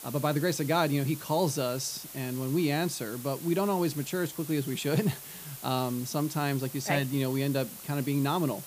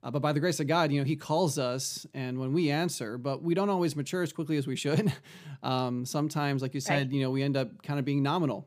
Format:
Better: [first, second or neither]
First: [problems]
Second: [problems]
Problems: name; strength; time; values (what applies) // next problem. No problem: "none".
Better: second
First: hiss; noticeable; throughout; 10 dB below the speech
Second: none